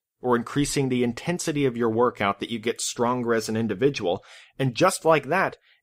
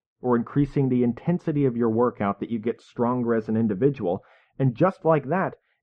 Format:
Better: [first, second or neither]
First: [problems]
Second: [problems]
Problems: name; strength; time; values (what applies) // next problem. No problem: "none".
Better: first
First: none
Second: muffled; very; fading above 1.5 kHz